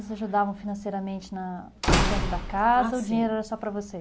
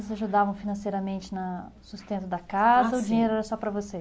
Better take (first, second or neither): second